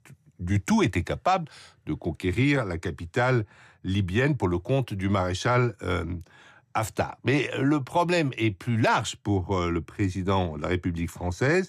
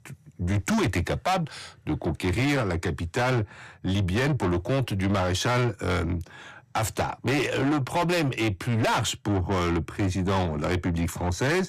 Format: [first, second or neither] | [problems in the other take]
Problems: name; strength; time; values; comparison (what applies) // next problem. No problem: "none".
first | distortion; heavy; 7 dB below the speech